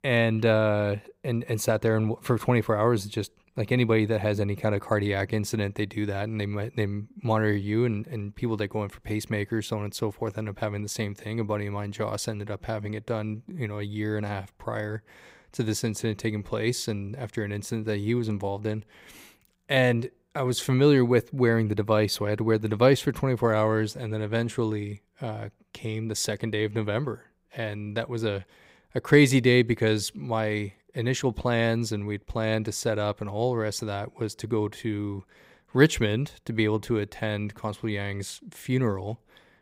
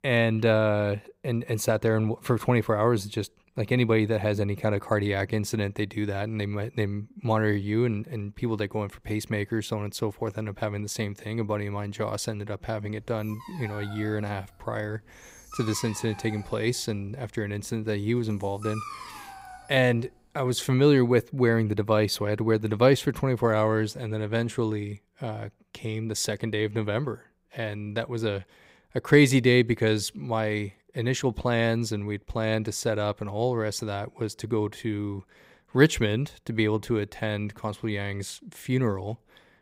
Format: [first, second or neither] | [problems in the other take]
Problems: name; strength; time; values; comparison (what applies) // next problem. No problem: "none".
first | dog barking; noticeable; from 13 to 20 s; peak 10 dB below the speech